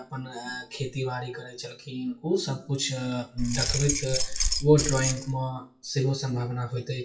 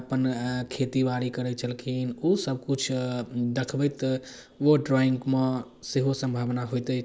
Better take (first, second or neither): second